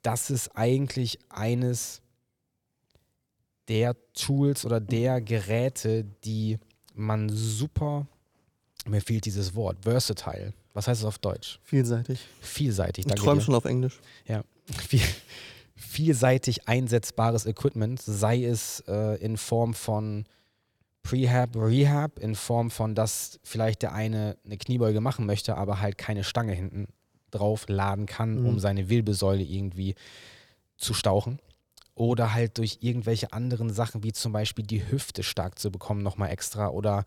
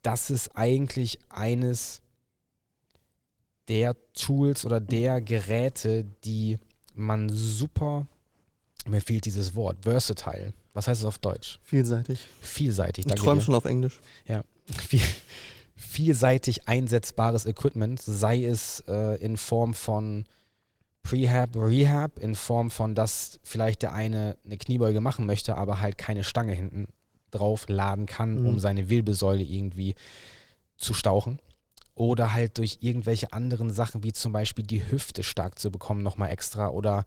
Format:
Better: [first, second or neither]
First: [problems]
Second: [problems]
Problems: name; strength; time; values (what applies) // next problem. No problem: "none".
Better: first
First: none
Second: garbled, watery; slightly; nothing above 19 kHz